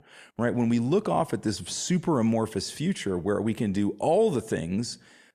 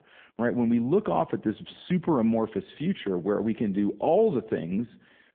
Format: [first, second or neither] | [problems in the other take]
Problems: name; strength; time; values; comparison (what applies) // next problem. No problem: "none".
first | phone-call audio; poor line